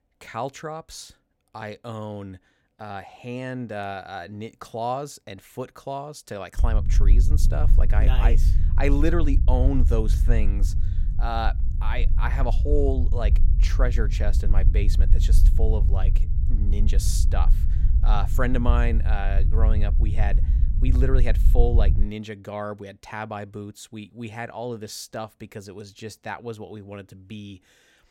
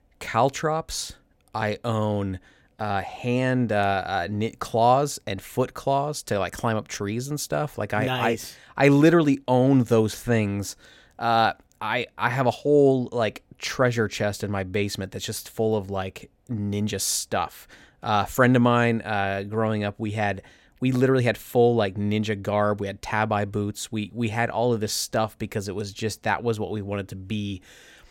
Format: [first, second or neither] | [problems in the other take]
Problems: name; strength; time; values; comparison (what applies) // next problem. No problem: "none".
second | low rumble; noticeable; from 6.5 to 22 s; 10 dB below the speech